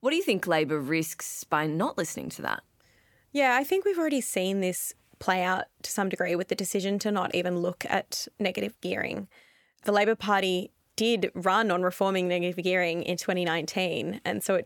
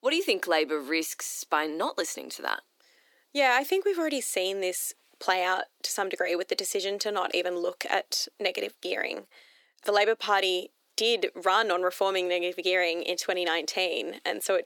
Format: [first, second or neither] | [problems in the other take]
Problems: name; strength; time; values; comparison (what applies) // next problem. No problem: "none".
first | thin; somewhat; fading below 300 Hz